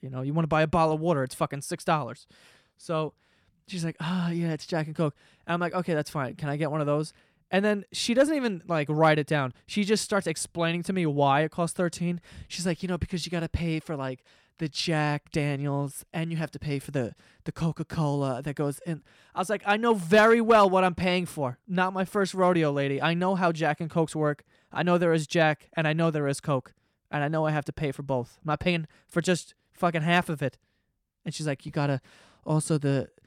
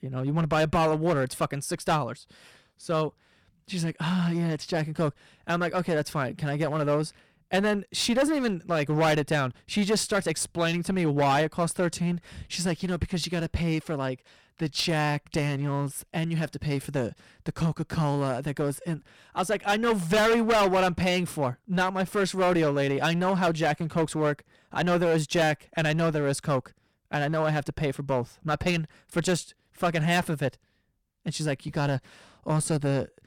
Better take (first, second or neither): first